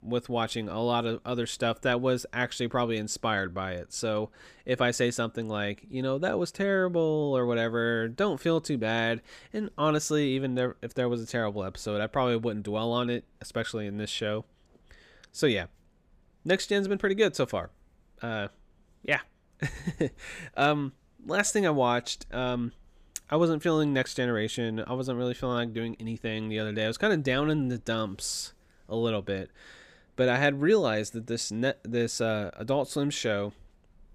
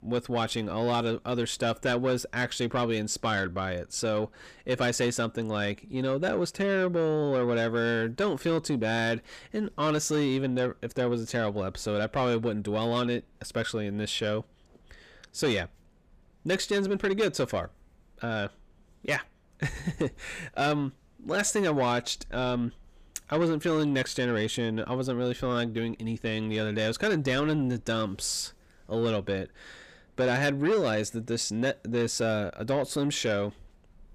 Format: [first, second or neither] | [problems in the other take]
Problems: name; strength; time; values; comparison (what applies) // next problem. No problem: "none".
first | distortion; slight; 10 dB below the speech